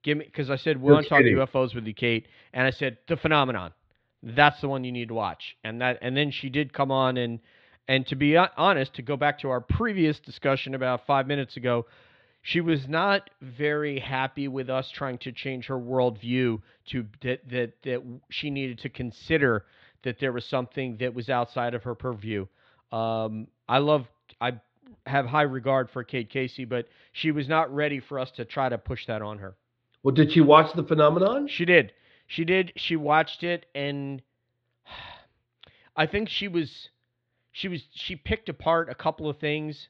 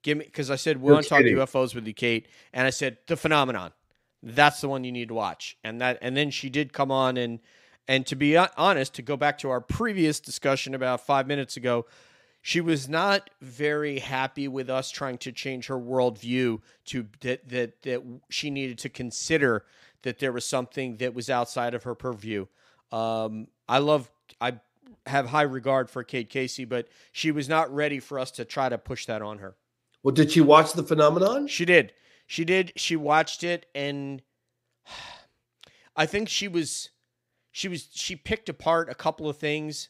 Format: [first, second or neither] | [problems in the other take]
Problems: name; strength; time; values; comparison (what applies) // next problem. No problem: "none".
second | muffled; slightly; fading above 4 kHz